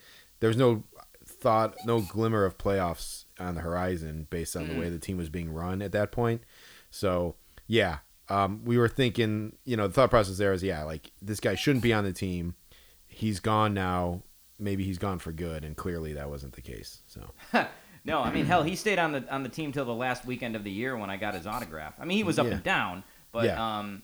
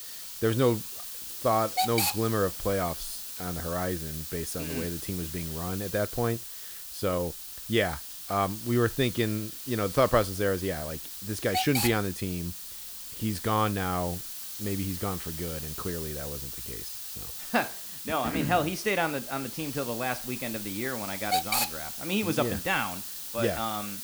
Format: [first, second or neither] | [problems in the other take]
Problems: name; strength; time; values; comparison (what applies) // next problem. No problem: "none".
first | hiss; loud; throughout; 4 dB below the speech; faint in the first